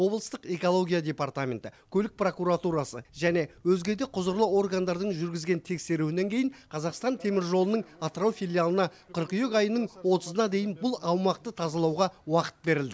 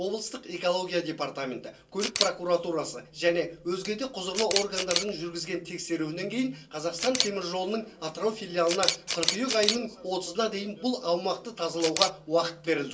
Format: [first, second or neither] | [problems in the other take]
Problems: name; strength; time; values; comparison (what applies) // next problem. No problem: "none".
first | background sound (Camera); 6 dB below the speech // room echo; dies away in 0.2 s